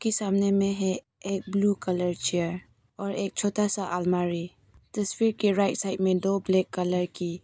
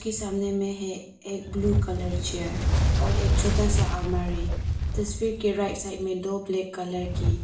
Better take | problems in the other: first | background sound (Fire); 3 dB above the speech // room echo; dies away in 0.5 s

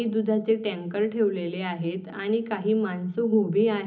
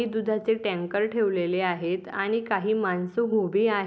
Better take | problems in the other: second | room echo; dies away in 0.4 s

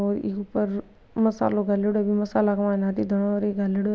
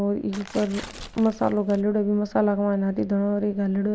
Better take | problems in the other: first | background sound (Tearing); 17 dB below the speech

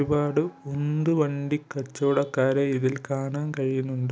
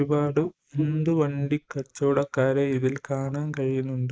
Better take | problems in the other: first | noise reduction (neural mask model Resemble Enhance denoiser)

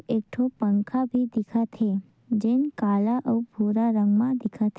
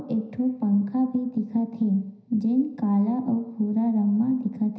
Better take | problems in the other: first | room echo; dies away in 0.9 s

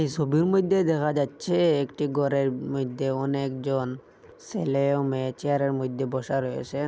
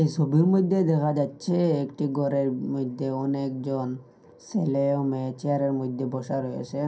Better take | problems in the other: first | room echo; dies away in 0.3 s

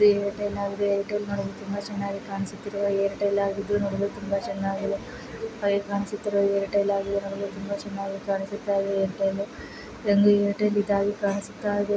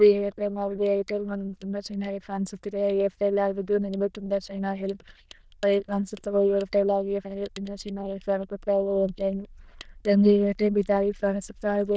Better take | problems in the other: first | noise reduction (neural diffusion model UNIVERSE++)

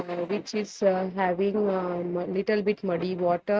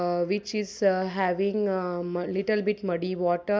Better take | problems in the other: second | noise reduction (neural mask model RNNoise)

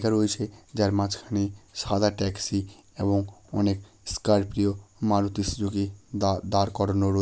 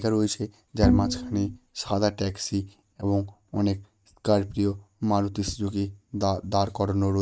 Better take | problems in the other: first | noise reduction (neural mask model RNNoise)

